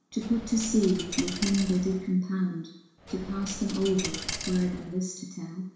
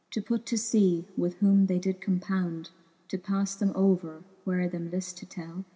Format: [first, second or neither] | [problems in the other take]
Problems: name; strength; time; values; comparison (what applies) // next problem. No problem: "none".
second | background sound (Coin (dropping)); 9 dB below the speech // room echo; dies away in 0.7 s